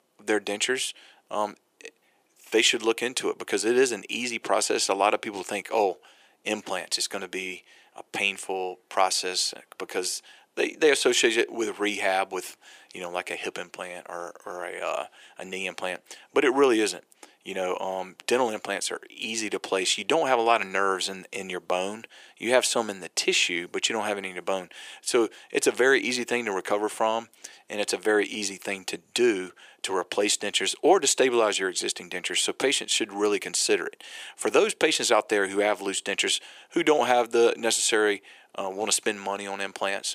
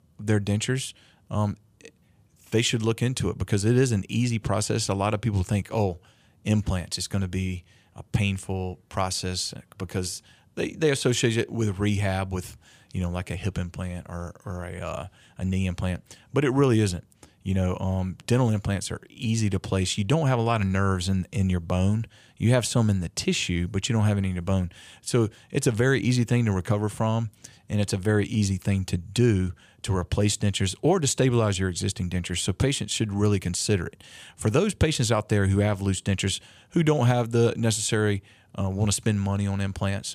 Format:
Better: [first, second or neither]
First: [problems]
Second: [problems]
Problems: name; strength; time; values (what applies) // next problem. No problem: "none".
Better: second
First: thin; very; fading below 350 Hz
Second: none